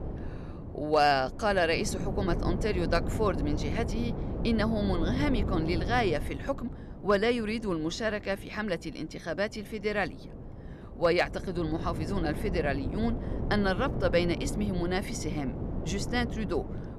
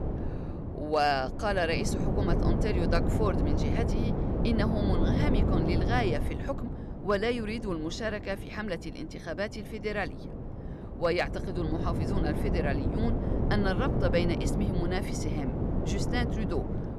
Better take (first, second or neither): first